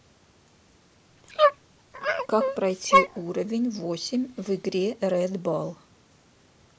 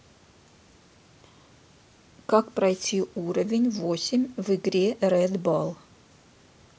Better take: second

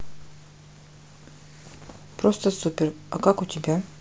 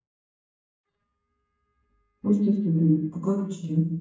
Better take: first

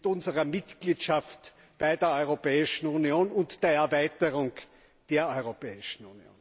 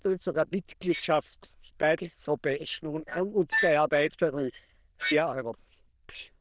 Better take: first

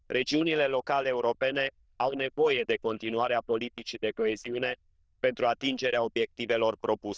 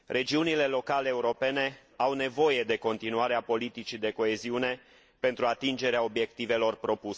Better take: second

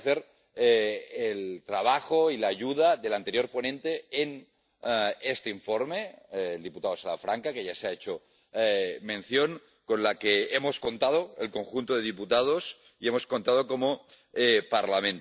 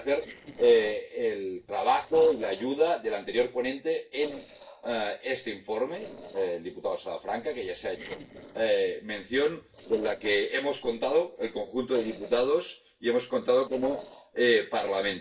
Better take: first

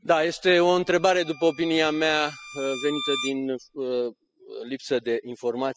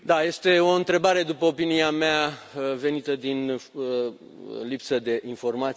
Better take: second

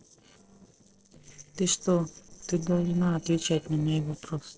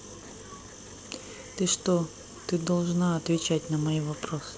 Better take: second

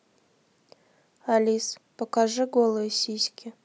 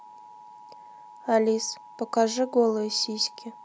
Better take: first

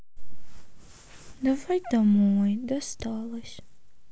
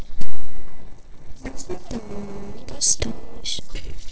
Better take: first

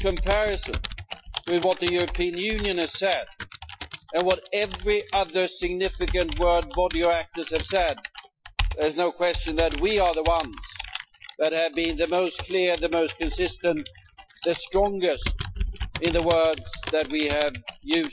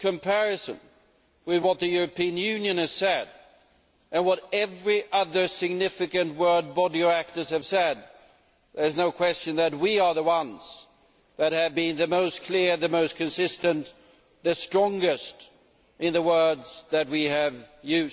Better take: second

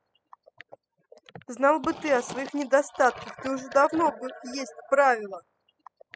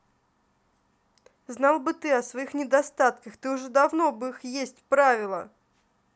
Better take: second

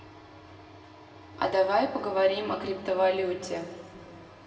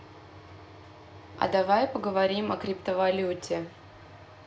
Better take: second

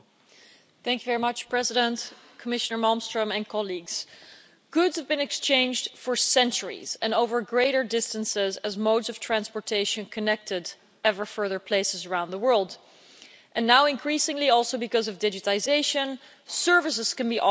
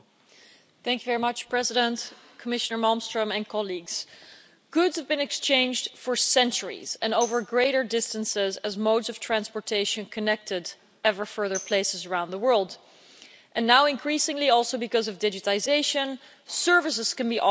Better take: first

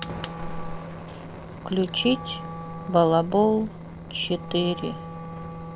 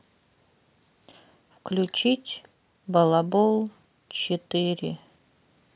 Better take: second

